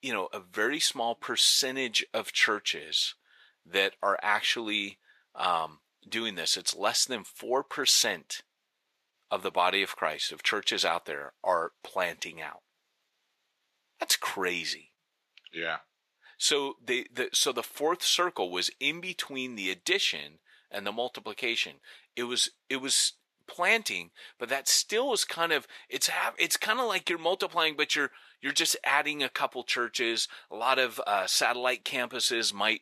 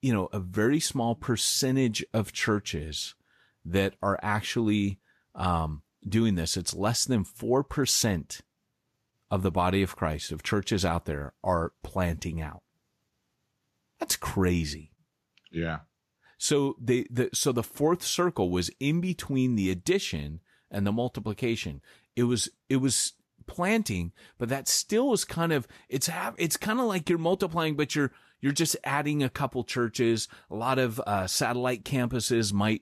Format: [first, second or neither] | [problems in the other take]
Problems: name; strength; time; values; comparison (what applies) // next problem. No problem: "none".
second | thin; very; fading below 550 Hz